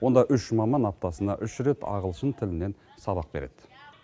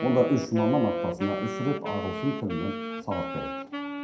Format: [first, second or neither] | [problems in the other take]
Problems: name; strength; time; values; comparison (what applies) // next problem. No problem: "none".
first | background sound (Wind instrument, woodwind instrument); 5 dB below the speech // room echo; dies away in 0.5 s